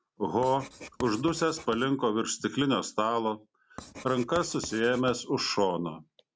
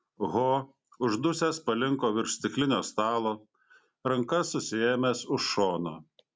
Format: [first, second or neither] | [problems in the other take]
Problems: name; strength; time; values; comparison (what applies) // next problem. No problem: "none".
second | background sound (Writing); 18 dB below the speech